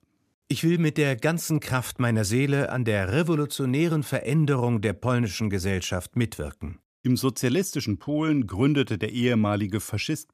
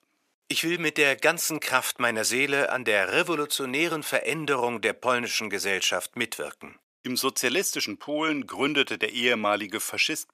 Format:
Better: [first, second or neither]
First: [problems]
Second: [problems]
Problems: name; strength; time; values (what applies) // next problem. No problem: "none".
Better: first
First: none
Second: thin; very; fading below 550 Hz